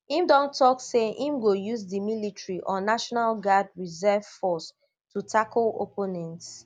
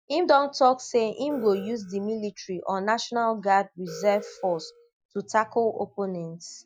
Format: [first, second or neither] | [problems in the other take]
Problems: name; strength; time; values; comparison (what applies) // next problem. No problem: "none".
first | noise reduction (classical method Wiener filter)